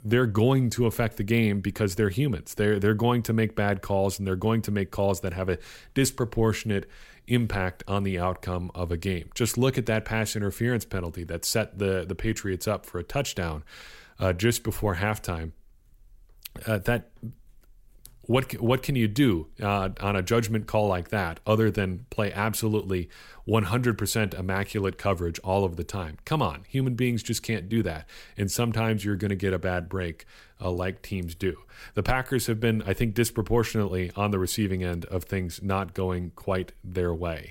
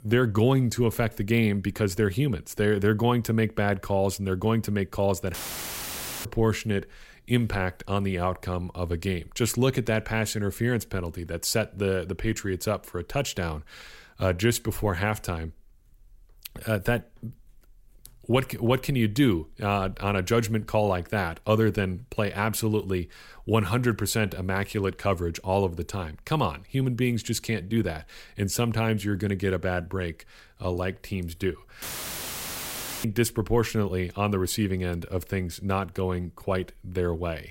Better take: first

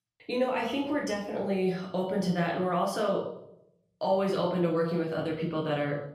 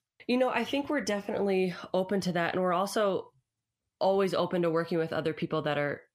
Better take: second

